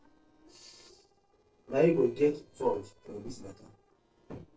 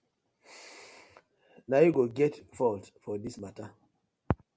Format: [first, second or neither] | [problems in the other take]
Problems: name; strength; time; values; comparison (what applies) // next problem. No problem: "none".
second | noise reduction (neural separator model SepFormer DNS4)